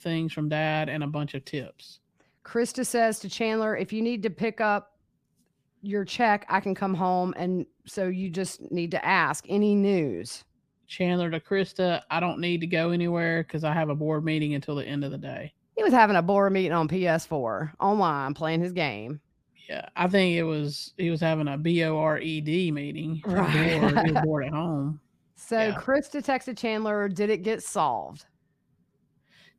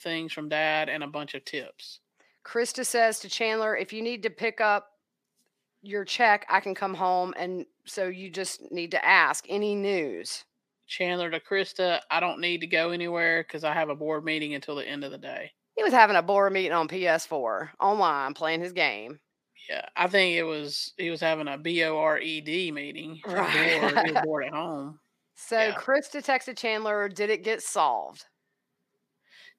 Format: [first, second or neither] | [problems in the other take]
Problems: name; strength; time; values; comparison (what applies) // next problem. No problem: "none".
first | thin; somewhat; fading below 400 Hz